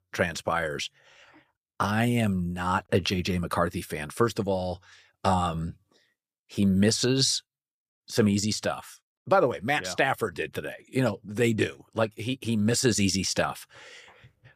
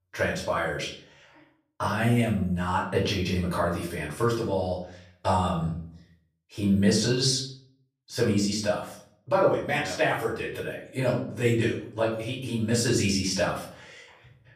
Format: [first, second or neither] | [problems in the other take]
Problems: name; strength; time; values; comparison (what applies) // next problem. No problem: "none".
first | room echo; slight; dies away in 0.5 s // off-mic speech; far